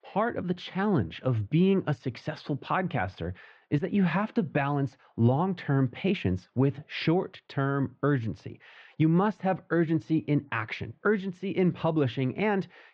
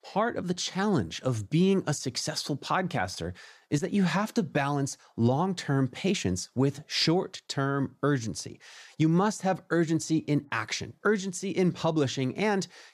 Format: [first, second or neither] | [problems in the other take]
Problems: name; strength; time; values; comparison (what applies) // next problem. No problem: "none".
second | muffled; very; fading above 3 kHz